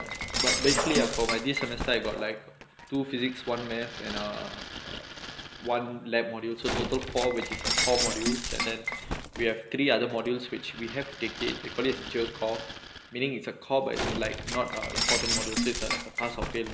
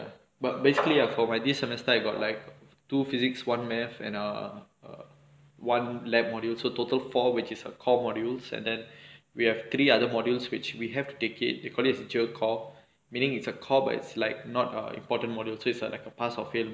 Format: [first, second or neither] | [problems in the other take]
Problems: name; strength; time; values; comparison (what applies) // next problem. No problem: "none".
second | background sound (Shatter); 2 dB below the speech